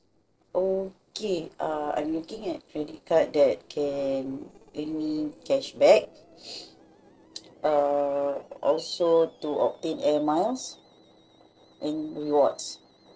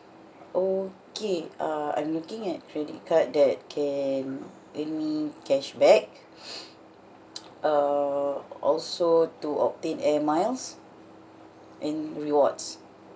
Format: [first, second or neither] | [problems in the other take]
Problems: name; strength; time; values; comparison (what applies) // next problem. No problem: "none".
second | noise reduction (neural separator model SepFormer DNS4)